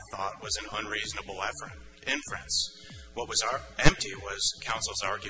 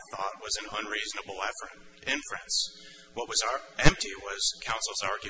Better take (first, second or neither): second